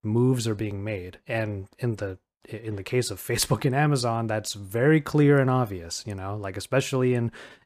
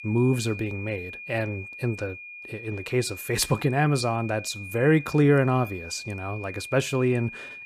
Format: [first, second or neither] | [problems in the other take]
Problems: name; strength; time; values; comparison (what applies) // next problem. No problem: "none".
first | high-pitched whine; noticeable; throughout; 2.5 kHz, 10 dB below the speech